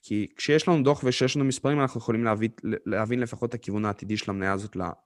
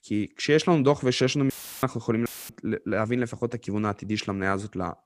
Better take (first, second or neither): first